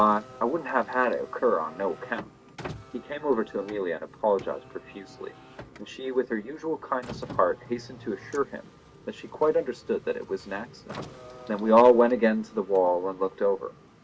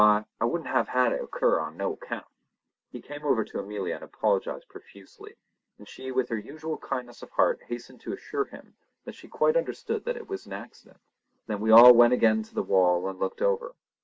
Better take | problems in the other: second | background sound (Car); 18 dB below the speech

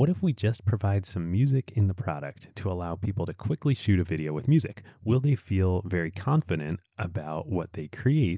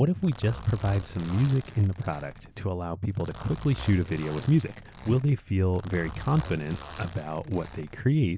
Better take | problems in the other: first | background sound (Zipper (clothing)); 15 dB below the speech

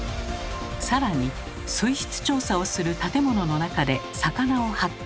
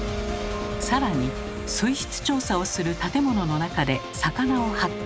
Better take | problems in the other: first | background sound (Wind instrument, woodwind instrument); 11 dB below the speech

